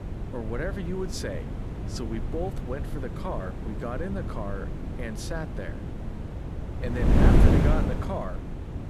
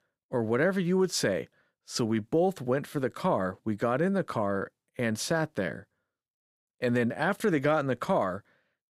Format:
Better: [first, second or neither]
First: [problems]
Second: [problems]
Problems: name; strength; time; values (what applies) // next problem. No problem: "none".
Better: second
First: wind noise on the microphone; heavy; 1 dB below the speech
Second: none